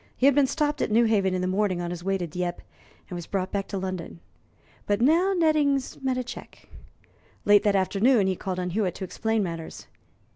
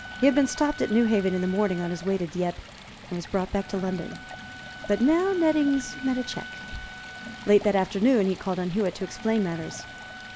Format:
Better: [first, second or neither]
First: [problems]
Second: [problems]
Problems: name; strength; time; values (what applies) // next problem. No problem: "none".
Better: first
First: none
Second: background sound (Stream + Wind instrument, woodwind instrument); 14 dB below the speech